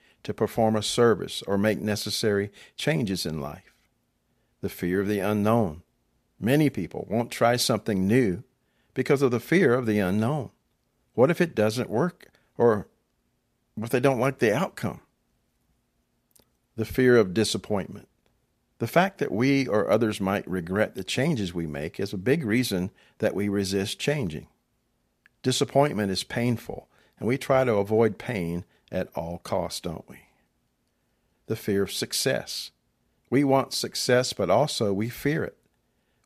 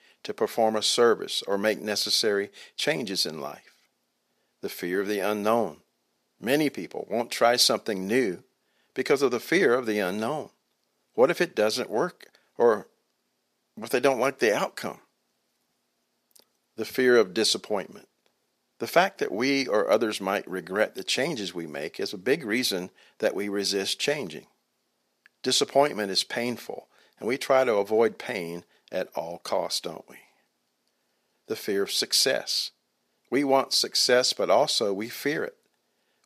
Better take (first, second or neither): first